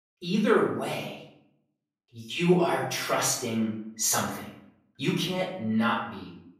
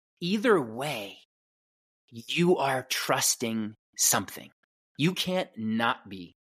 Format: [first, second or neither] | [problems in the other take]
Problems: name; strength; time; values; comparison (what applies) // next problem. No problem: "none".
second | off-mic speech; far // room echo; noticeable; dies away in 0.6 s